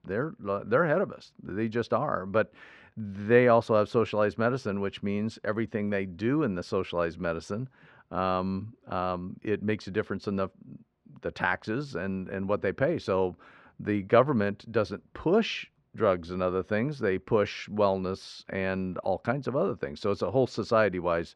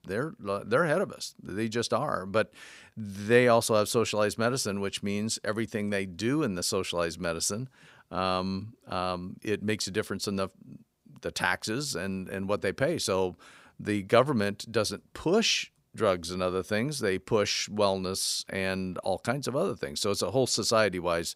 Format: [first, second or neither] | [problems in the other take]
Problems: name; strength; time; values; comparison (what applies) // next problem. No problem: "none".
second | muffled; very; fading above 2 kHz